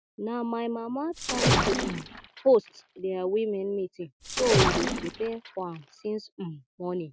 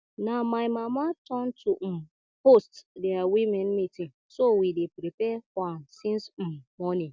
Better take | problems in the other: second | background sound (Splash, splatter); 1 dB above the speech

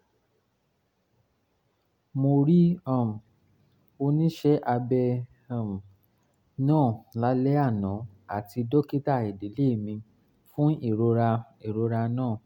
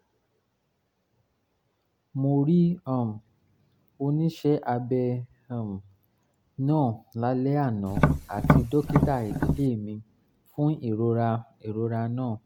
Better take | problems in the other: first | background sound (Tap); 4 dB above the speech

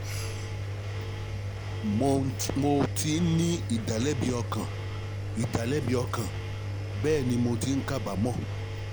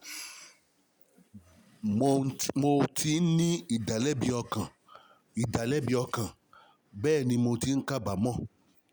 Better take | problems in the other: second | background sound (Engine); 3 dB below the speech

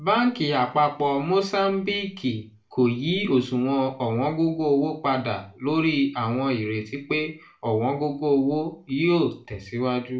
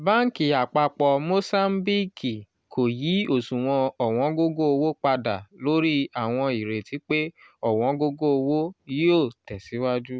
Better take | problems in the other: second | room echo; dies away in 0.3 s

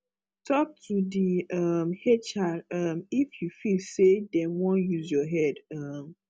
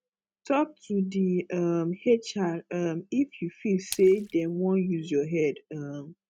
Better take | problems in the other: first | noise reduction (neural mask model RNNoise)

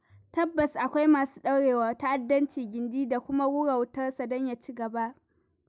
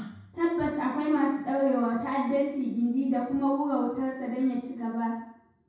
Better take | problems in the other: first | room echo; dies away in 0.6 s

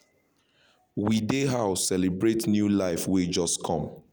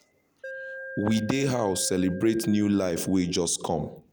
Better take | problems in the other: first | background sound (Alarm); 15 dB below the speech

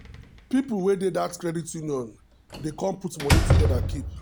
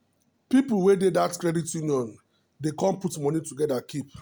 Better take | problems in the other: second | background sound (Slam); 2 dB above the speech

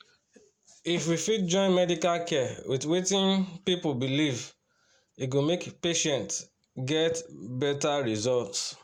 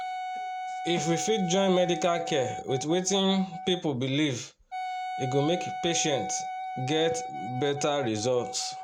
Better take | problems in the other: first | background sound (Wind instrument, woodwind instrument); 7 dB below the speech

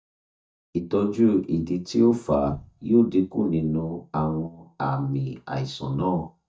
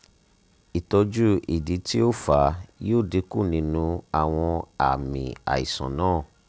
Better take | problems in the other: second | noise reduction (neural mask model DeepFilterNet 3)

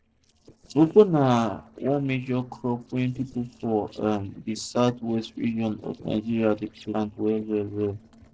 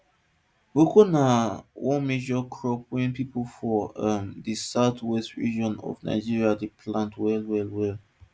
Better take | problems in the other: second | noise reduction (neural separator model SepFormer DNS4)

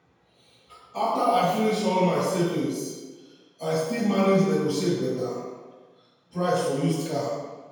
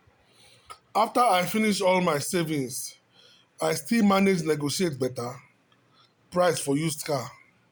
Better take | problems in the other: second | room echo; dies away in 1.2 s

